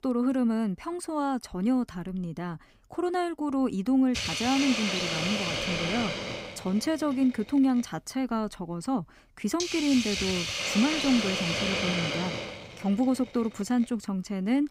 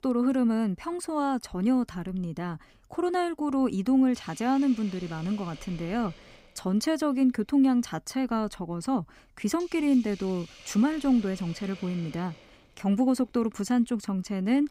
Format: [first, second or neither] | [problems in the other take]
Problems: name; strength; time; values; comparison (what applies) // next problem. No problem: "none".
second | hiss; loud; from 4 s on; 1 dB below the speech; faint in the second